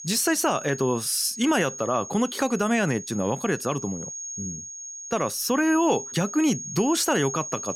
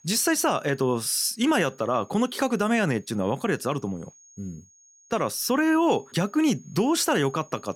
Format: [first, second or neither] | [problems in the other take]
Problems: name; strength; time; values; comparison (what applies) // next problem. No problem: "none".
second | high-pitched whine; loud; throughout; 6.5 kHz, 10 dB below the speech; faint in the second